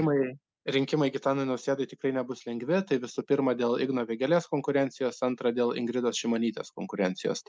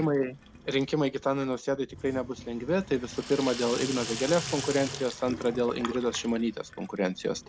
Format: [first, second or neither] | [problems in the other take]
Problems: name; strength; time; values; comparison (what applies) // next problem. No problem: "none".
first | background sound (Sink (filling or washing)); 12 dB below the speech